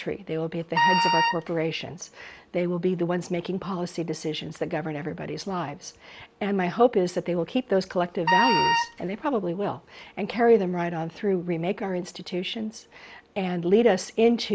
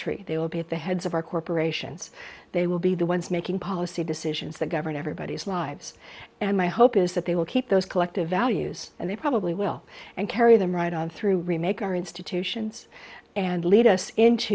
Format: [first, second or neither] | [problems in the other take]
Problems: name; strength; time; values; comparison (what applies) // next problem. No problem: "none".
second | background sound (Wind instrument, woodwind instrument); 2 dB above the speech